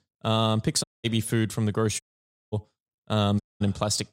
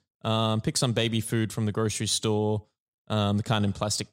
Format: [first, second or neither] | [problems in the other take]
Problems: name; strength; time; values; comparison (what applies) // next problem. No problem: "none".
second | audio cutting out; at 1 s, at 2 s for 0.5 s and at 3.5 s